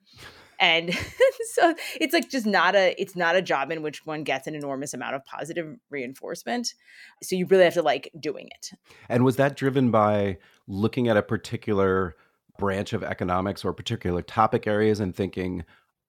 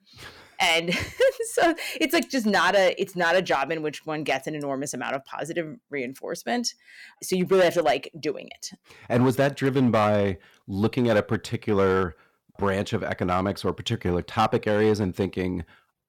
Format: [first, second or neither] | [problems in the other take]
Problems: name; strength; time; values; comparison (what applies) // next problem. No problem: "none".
first | distortion; slight; 4% of the sound clipped